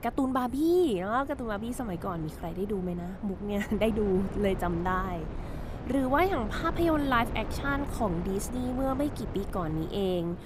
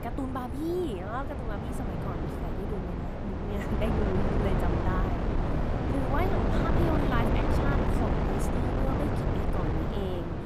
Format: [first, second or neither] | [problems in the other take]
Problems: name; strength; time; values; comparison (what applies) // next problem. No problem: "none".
first | wind noise on the microphone; heavy; 2 dB above the speech; occasional gusts in the first